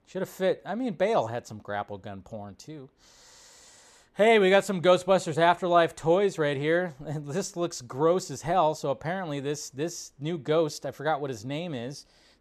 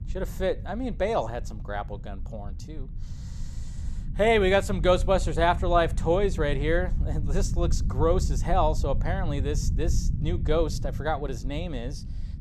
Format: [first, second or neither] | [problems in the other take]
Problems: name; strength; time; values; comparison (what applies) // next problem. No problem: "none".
first | low rumble; faint; throughout; 20 dB below the speech